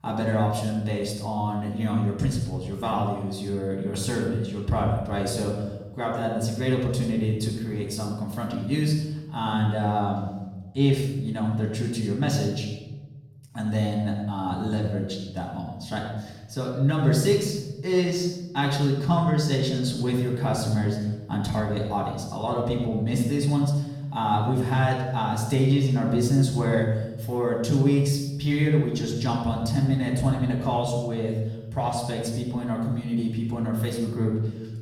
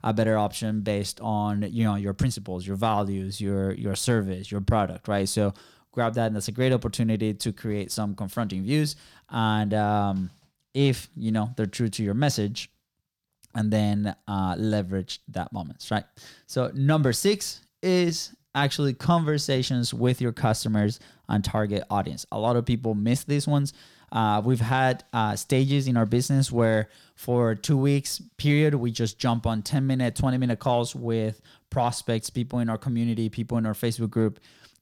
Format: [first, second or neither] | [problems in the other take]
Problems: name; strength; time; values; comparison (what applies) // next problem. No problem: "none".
second | off-mic speech; far // room echo; noticeable; dies away in 1 s